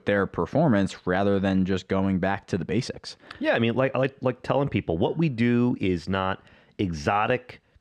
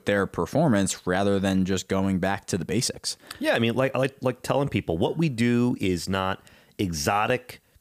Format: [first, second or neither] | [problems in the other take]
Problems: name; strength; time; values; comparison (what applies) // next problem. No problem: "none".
second | muffled; slightly; fading above 3 kHz